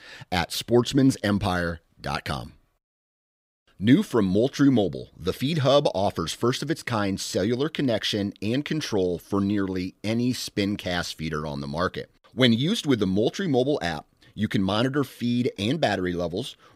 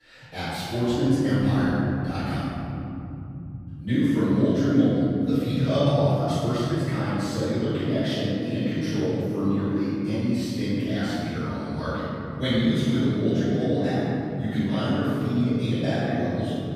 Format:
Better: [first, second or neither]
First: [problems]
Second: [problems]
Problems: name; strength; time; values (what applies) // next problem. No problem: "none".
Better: first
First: none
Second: room echo; strong; dies away in 3 s // off-mic speech; far